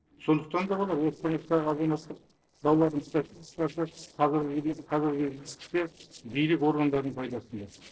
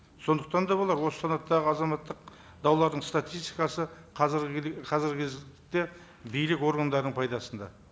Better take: second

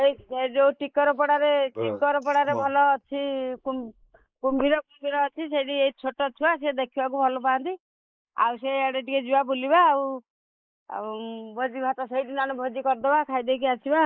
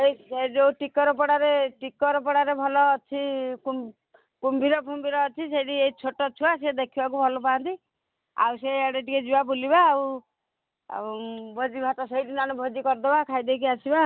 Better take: second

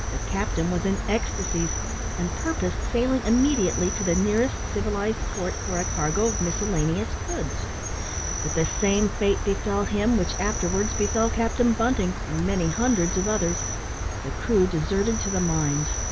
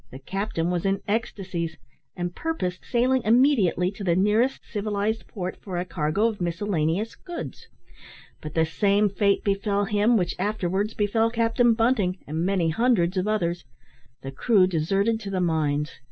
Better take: second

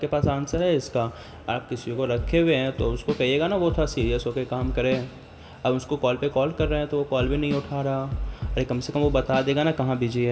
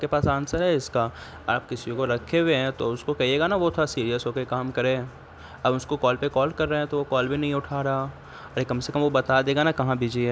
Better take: second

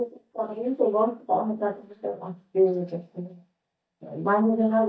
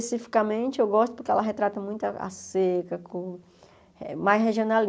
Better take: second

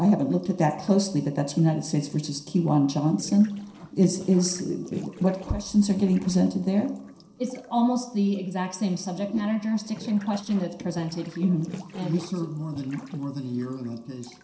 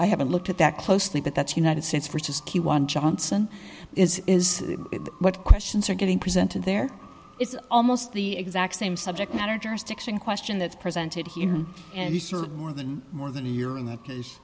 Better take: second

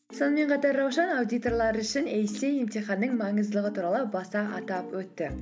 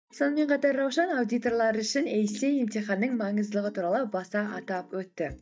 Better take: first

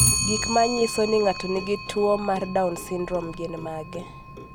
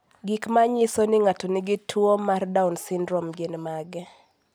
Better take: second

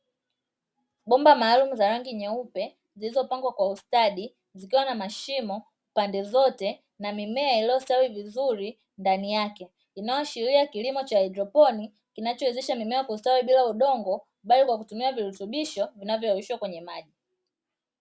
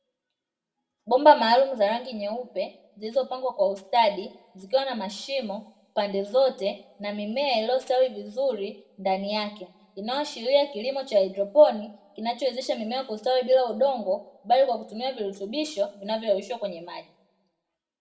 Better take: first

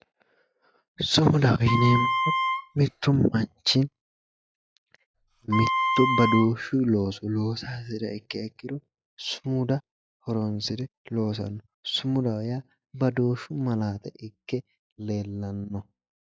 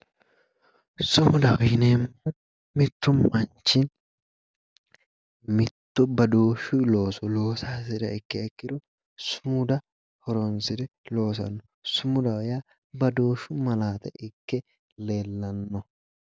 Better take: second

